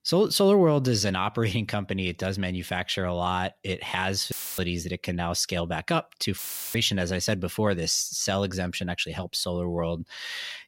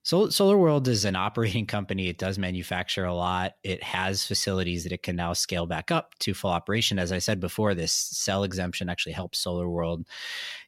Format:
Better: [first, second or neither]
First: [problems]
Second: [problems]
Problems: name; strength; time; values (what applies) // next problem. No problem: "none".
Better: second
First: audio cutting out; filled with static; at 4.5 s and at 6.5 s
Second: none